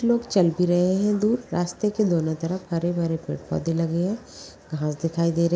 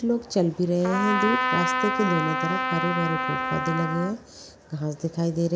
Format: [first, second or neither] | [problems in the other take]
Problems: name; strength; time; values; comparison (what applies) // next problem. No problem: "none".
first | background sound (Trumpet); 1 dB below the speech